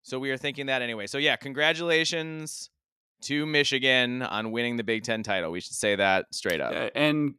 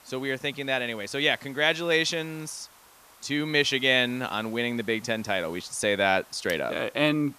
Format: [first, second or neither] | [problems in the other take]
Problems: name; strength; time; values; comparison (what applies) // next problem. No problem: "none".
first | hiss; faint; throughout; 25 dB below the speech